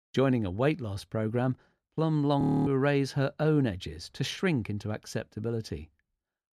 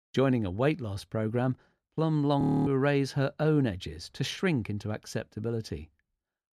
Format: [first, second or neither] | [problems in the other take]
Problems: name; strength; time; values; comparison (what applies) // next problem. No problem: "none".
neither | audio freezing; at 2.5 s; the same in both